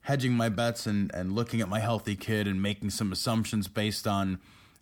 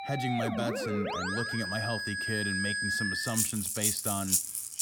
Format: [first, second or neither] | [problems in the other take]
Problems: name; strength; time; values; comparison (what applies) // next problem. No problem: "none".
first | background music; very loud; throughout; 4 dB above the speech